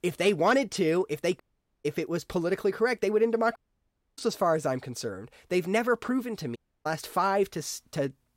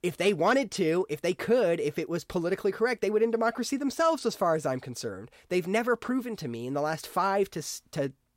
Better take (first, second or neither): second